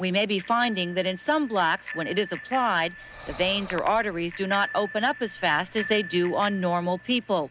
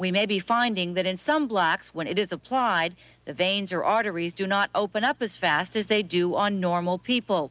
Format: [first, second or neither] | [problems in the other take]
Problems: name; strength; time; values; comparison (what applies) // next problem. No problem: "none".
second | background sound (Bicycle bell + Breathing); 14 dB below the speech